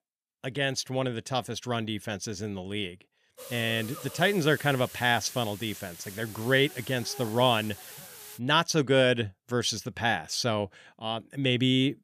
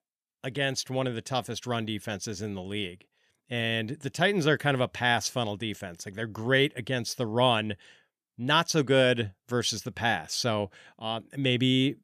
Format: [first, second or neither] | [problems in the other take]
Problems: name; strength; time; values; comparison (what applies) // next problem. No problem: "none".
second | hiss; noticeable; from 3.5 to 8.5 s; 15 dB below the speech